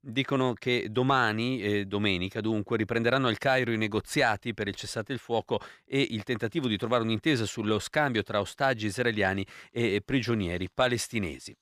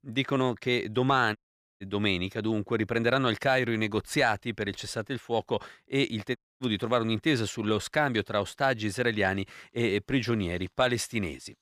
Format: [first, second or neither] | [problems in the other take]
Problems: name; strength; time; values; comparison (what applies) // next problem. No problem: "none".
first | audio cutting out; at 1.5 s and at 6.5 s